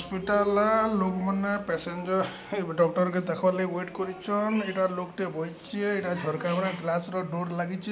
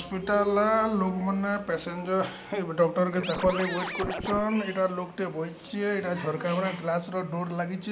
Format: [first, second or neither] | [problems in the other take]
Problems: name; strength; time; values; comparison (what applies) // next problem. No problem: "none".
first | background sound (Scratching (performance technique)); 6 dB below the speech